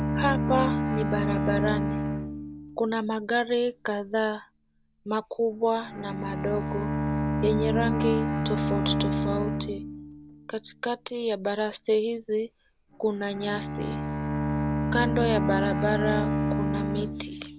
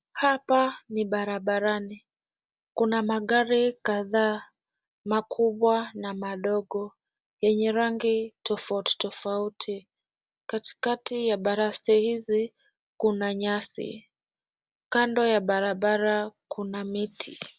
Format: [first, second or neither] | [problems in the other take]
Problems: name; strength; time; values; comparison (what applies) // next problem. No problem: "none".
second | background sound (Bowed string instrument); as loud as the speech